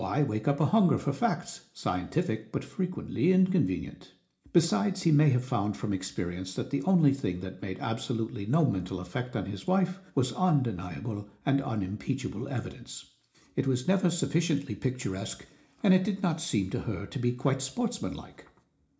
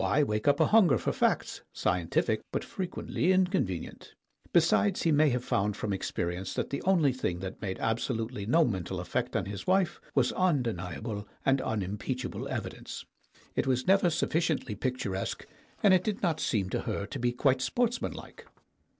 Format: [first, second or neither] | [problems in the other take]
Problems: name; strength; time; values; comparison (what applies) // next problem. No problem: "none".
second | room echo; dies away in 0.4 s